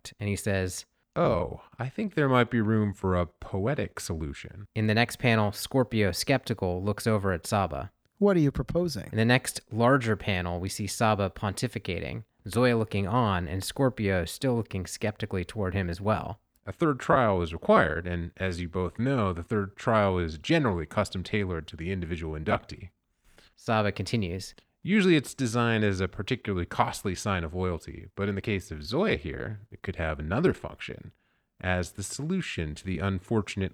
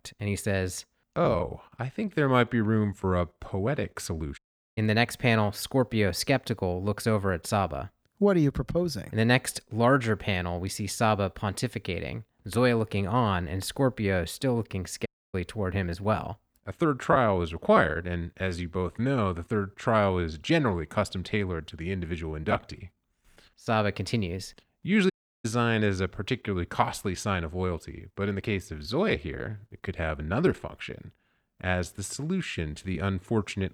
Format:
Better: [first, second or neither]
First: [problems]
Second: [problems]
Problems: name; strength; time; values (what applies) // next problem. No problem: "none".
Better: first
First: none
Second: audio cutting out; at 4.5 s, at 15 s and at 25 s